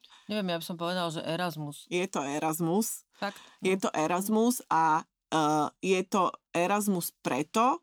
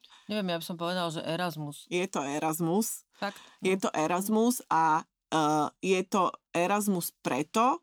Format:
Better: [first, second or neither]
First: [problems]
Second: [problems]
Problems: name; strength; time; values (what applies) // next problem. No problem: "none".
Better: neither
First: none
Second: none